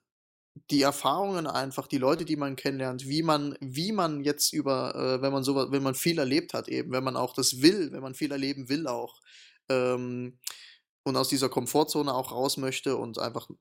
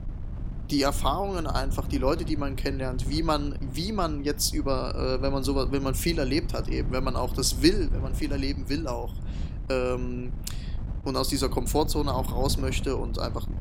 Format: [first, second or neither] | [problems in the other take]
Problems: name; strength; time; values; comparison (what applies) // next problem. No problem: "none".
first | wind noise on the microphone; occasional gusts; 15 dB below the speech